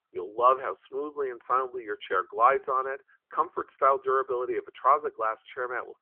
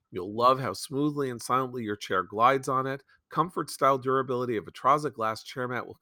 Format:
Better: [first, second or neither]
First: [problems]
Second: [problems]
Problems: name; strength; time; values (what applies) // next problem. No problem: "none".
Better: second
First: phone-call audio; nothing above 3 kHz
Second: none